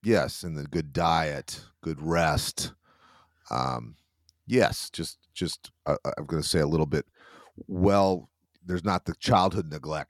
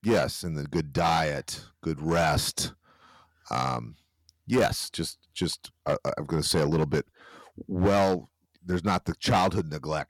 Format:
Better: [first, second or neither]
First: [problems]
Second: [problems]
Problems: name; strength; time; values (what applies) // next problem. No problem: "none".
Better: first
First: none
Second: distortion; slight; 5% of the sound clipped